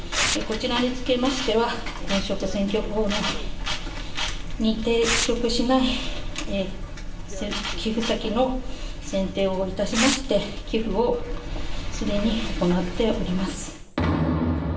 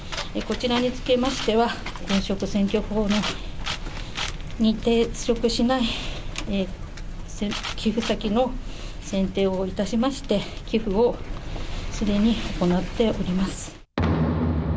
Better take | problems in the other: second | background sound (Tearing); 11 dB below the speech // room echo; dies away in 0.7 s

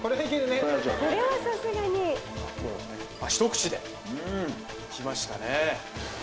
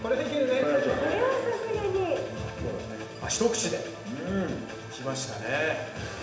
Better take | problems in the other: first | room echo; dies away in 0.8 s

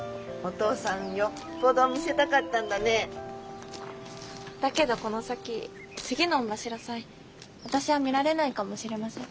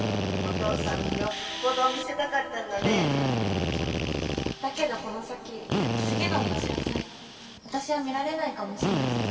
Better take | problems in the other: first | background sound (Drill); 2 dB above the speech // room echo; dies away in 2.6 s

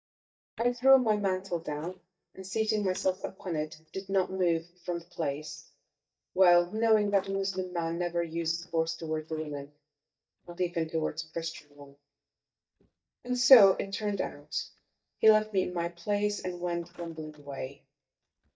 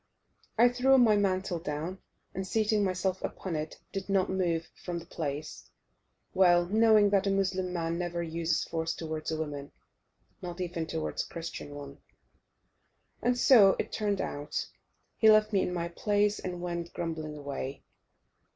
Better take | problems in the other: second | noise reduction (neural mask model DeepFilterNet 3)

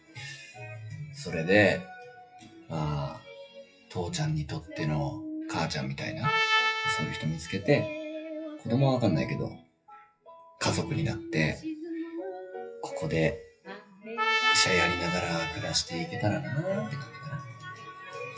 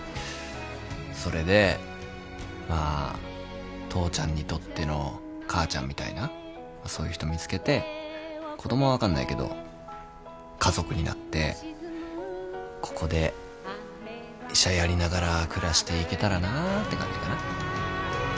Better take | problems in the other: second | noise reduction (classical method WPE with log-MMSE)

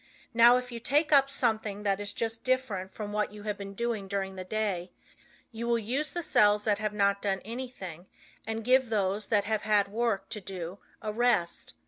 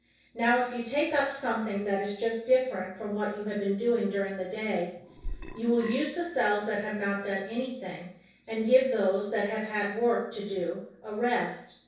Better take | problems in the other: first | noise reduction (neural separator model SepFormer DNS4)

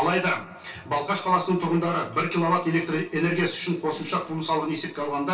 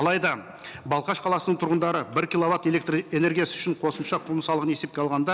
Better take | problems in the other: second | room echo; dies away in 0.3 s

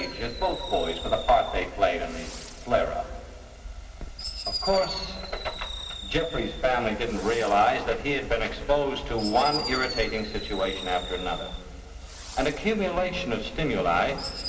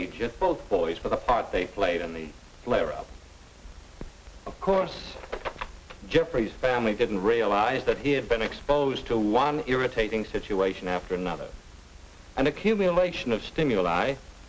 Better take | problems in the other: second | background sound (Fireworks); 13 dB below the speech // room echo; dies away in 2.1 s

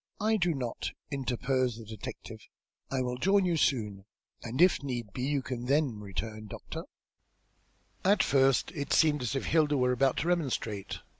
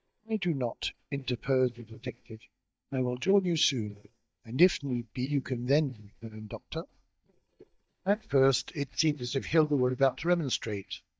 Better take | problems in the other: first | noise reduction (neural mask model DeepFilterNet 3)

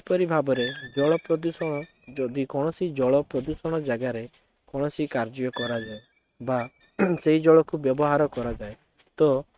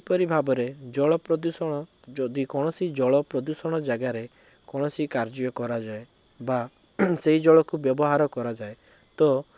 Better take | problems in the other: second | noise reduction (neural mask model RNNoise)

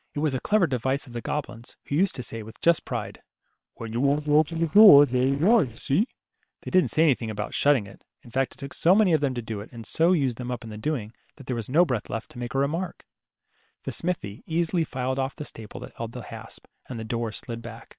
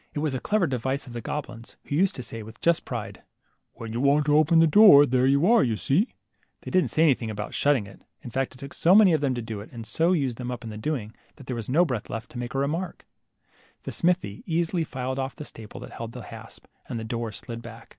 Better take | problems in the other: second | noise reduction (neural separator model SepFormer WHAM!)

